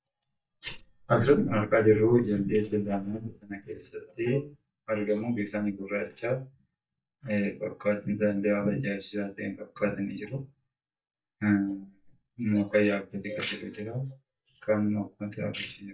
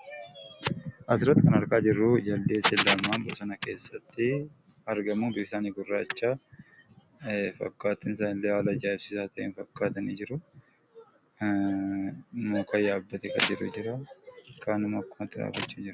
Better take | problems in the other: second | noise reduction (neural mask model DeepFilterNet 3)

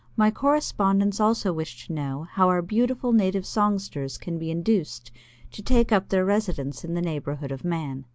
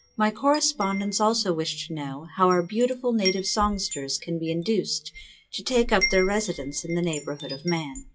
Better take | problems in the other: first | noise reduction (classical method WPE with log-MMSE)

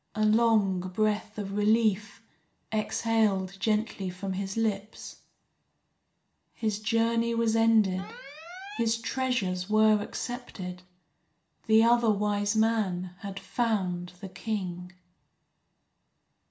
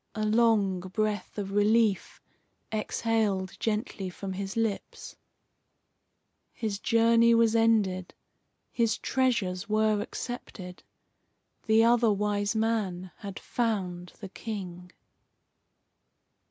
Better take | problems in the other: second | background sound (Alarm); 16 dB below the speech // room echo; dies away in 0.4 s

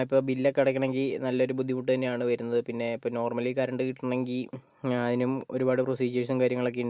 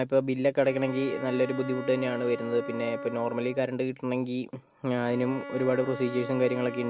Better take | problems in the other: first | background sound (Bowed string instrument); 12 dB below the speech

